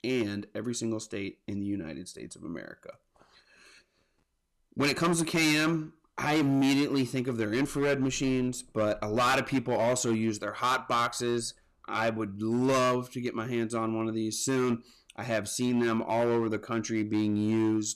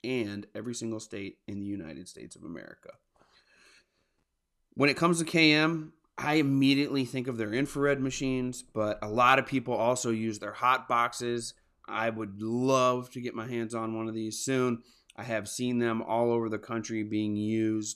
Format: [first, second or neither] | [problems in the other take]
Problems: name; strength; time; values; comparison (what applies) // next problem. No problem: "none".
second | distortion; heavy; 8% of the sound clipped